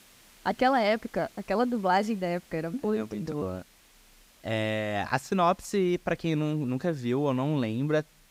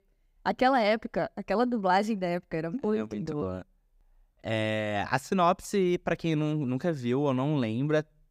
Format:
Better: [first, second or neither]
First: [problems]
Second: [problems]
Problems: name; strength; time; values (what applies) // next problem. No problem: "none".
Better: second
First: hiss; faint; throughout; 30 dB below the speech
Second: none